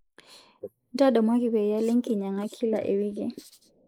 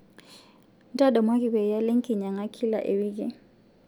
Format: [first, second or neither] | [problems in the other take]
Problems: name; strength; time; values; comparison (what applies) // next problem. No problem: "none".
second | noise reduction (neural mask model Resemble Enhance denoiser)